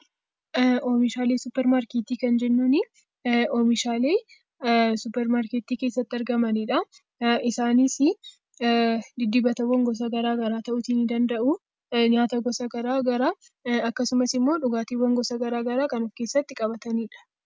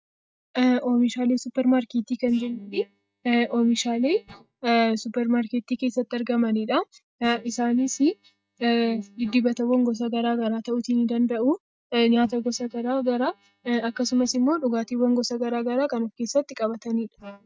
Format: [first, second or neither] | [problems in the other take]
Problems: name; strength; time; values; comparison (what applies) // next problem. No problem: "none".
first | noise reduction (neural mask model DeepFilterNet 3)